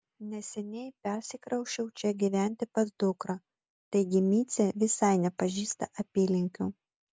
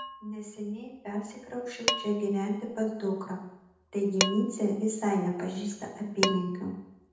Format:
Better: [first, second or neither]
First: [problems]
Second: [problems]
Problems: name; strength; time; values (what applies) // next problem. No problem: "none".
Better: first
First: none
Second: background sound (Dishes, pots, and pans); 6 dB below the speech // room echo; dies away in 0.9 s